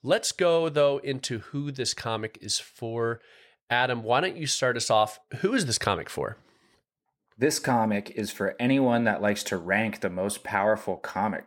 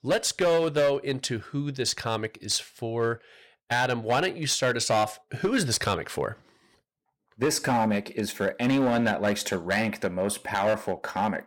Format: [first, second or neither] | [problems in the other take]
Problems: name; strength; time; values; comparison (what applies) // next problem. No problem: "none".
first | distortion; slight; 6% of the sound clipped